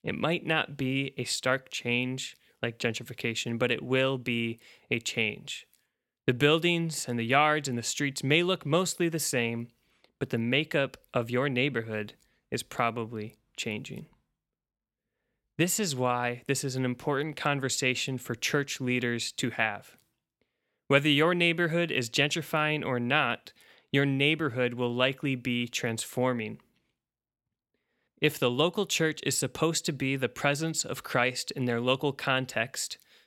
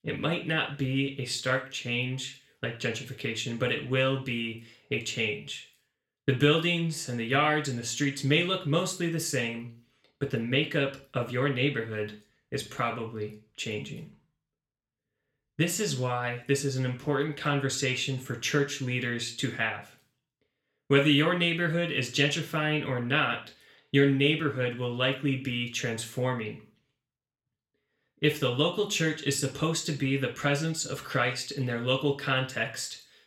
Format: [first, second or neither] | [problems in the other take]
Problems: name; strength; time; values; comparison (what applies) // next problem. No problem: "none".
first | room echo; slight; dies away in 0.4 s // off-mic speech; somewhat distant